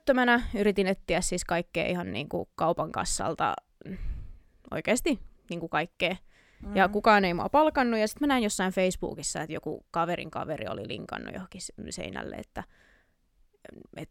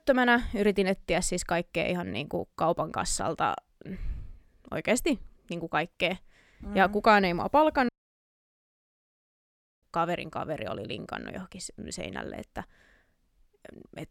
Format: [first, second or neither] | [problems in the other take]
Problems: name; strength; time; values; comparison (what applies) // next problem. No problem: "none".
first | audio cutting out; at 8 s for 2 s